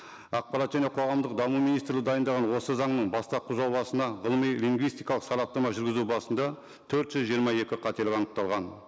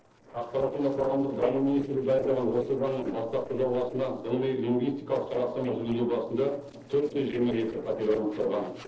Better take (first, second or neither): first